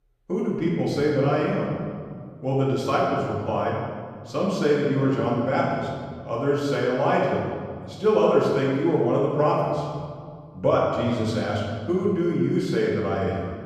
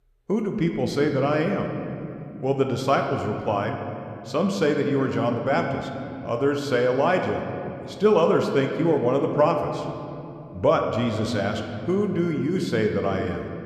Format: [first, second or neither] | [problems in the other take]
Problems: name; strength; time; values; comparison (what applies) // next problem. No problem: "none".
second | room echo; strong; dies away in 1.8 s; slight in the second // off-mic speech; far